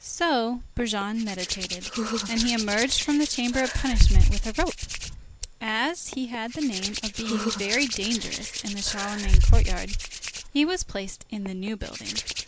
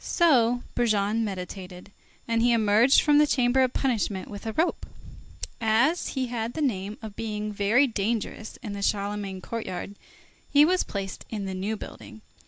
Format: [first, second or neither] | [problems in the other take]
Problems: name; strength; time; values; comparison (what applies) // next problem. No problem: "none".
second | background sound (Hands); 3 dB above the speech